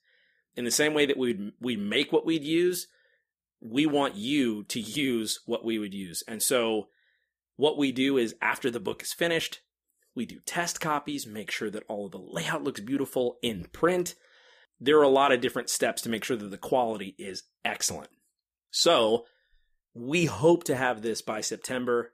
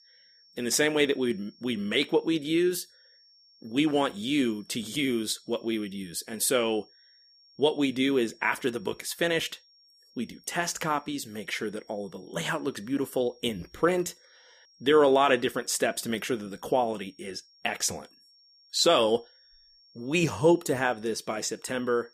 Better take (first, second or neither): first